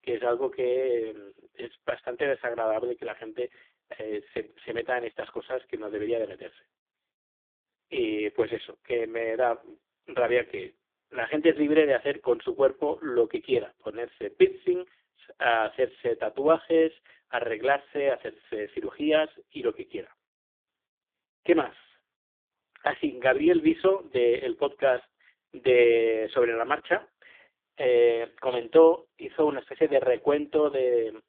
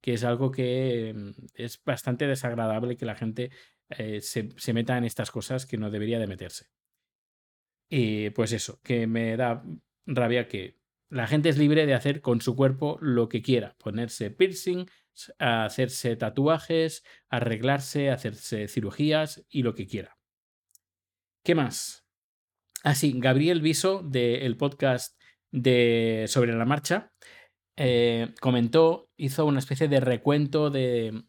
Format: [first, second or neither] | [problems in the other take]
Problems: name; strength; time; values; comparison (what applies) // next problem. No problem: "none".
second | phone-call audio; poor line